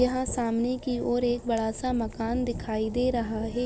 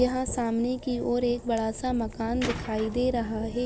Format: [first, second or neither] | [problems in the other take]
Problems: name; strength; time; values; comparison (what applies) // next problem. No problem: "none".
first | background sound (Tools); 11 dB below the speech